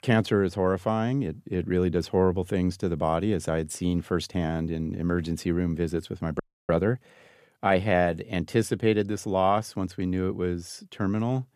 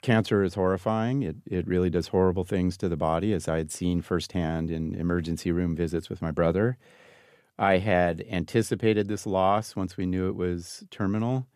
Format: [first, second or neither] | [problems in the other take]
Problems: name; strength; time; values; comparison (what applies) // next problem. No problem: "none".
second | audio freezing; at 6.5 s